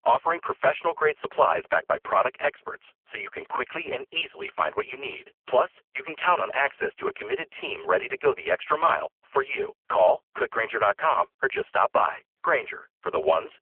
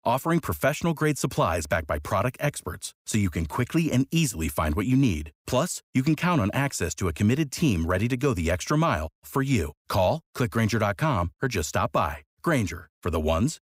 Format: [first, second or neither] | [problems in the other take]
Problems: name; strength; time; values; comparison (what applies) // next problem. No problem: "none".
second | phone-call audio; poor line; nothing above 3 kHz